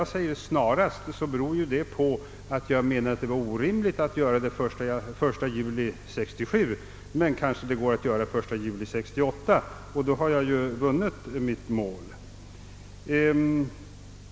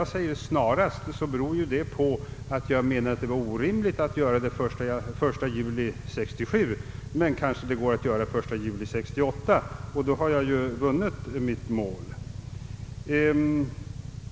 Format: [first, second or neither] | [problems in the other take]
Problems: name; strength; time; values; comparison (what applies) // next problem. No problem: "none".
first | background sound (Idling / Motorcycle); 11 dB below the speech